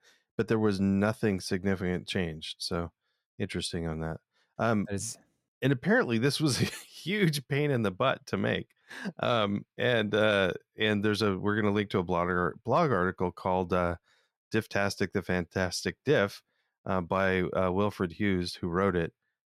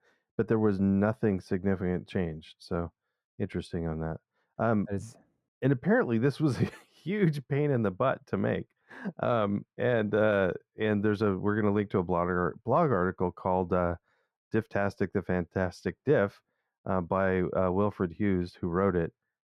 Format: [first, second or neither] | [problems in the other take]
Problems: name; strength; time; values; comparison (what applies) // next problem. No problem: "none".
first | muffled; very; fading above 2 kHz